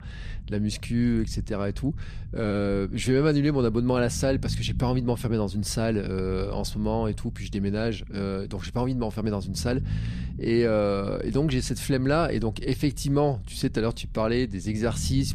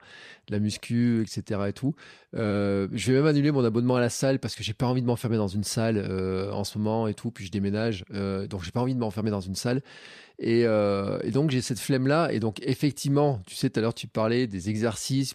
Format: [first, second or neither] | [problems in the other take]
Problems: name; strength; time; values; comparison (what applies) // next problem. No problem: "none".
second | low rumble; faint; throughout; 20 dB below the speech